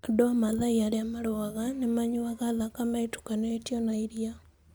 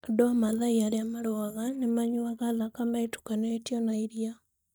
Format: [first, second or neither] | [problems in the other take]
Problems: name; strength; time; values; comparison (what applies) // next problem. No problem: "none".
first | noise reduction (neural mask model DeepFilterNet 3)